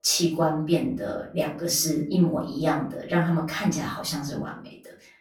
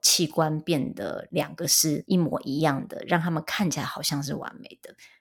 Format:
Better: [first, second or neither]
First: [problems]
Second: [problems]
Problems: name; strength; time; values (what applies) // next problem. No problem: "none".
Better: second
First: off-mic speech; far // room echo; slight; dies away in 0.4 s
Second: none